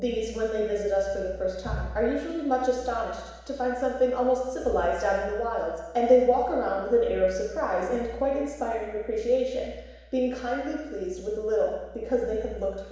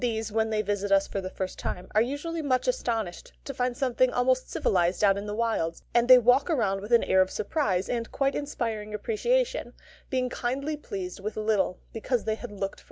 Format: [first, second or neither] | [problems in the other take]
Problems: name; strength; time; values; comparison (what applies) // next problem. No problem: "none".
second | room echo; dies away in 1.1 s